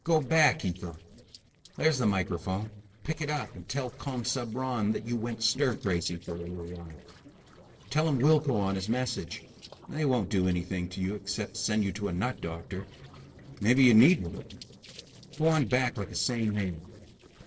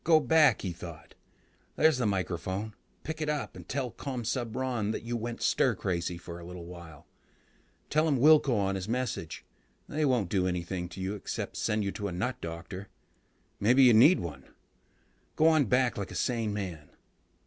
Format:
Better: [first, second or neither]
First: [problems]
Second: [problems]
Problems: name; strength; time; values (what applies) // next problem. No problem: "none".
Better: second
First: noise reduction (neural separator model SepFormer DNS4)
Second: none